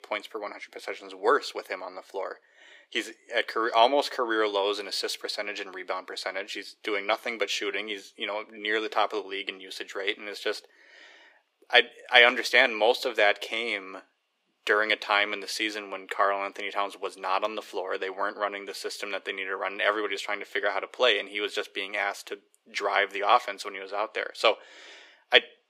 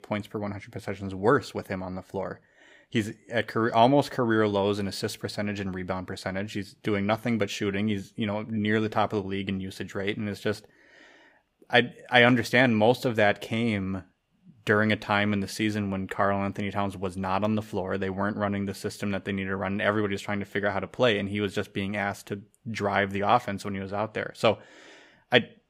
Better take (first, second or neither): second